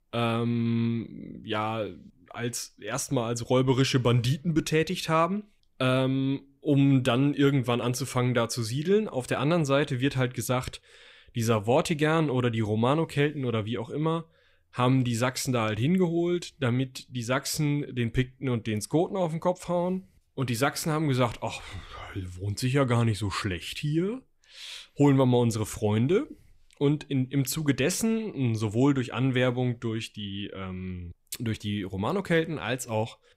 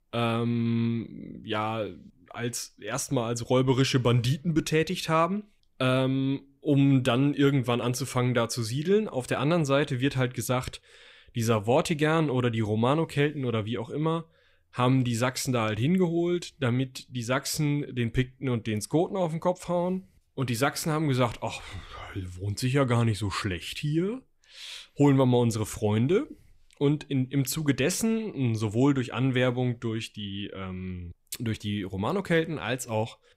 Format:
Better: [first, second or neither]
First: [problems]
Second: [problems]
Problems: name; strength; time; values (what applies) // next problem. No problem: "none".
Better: neither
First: none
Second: none